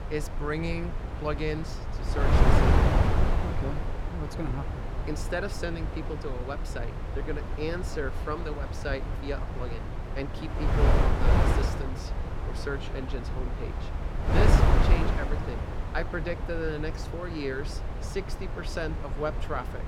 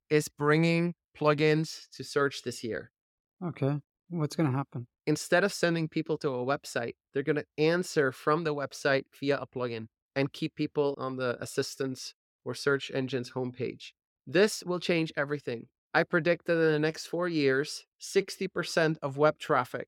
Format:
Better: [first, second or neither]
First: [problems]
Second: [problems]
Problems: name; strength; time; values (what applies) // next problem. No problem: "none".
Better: second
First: wind noise on the microphone; heavy; 1 dB above the speech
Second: none